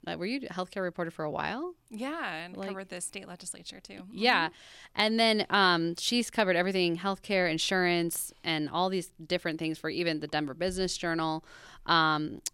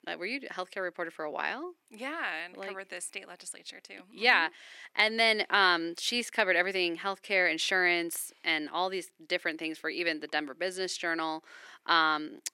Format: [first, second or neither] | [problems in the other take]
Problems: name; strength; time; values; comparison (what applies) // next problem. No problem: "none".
first | thin; somewhat; fading below 300 Hz